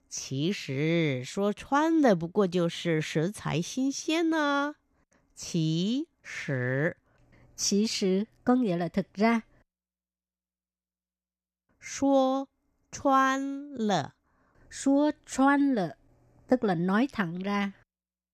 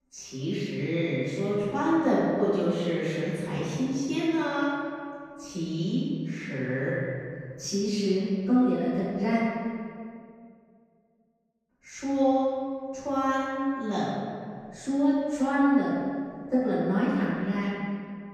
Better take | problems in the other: first | off-mic speech; far // room echo; strong; dies away in 2.1 s

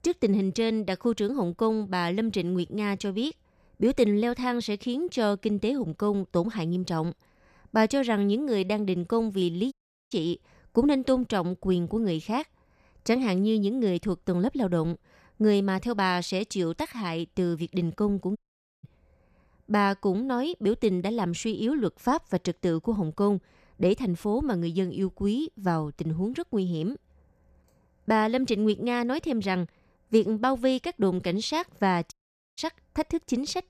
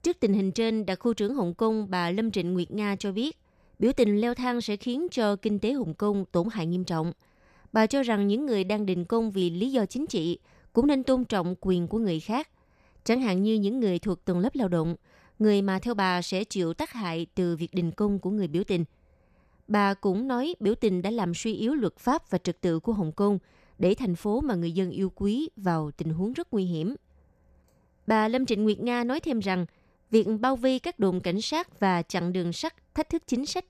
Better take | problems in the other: second | audio cutting out; at 9.5 s, at 18 s and at 32 s

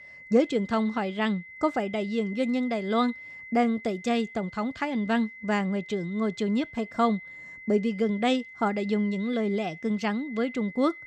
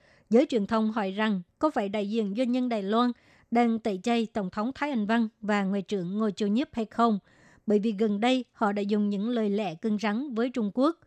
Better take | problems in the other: second | high-pitched whine; noticeable; throughout; 2 kHz, 15 dB below the speech

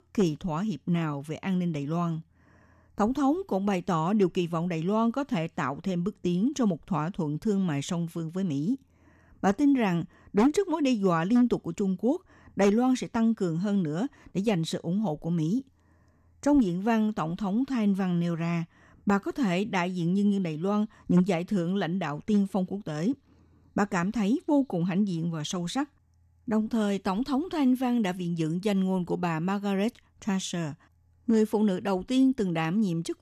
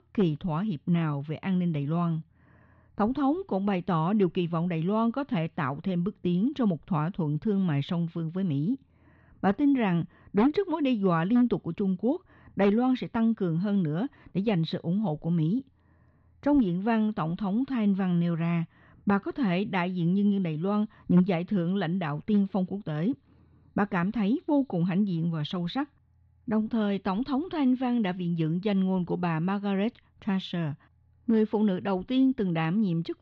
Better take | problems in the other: first | muffled; slightly; fading above 4 kHz

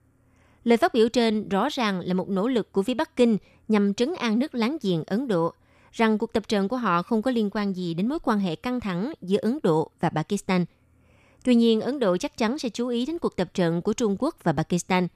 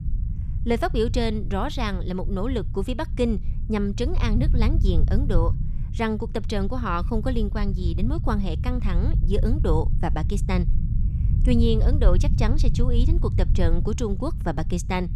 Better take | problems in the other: first | low rumble; noticeable; throughout; 10 dB below the speech

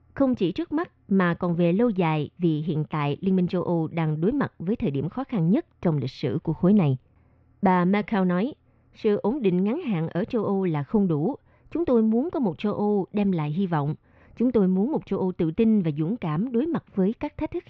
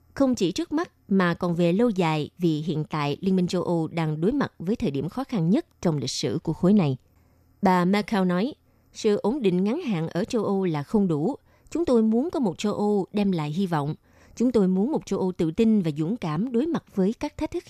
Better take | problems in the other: second | muffled; very; fading above 3 kHz

